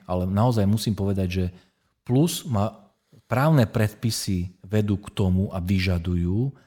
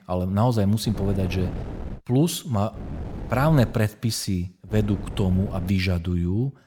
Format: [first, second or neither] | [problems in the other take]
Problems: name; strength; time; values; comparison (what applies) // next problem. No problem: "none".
first | wind noise on the microphone; occasional gusts; from 1 to 2 s, at 3 s and at 4.5 s; 15 dB below the speech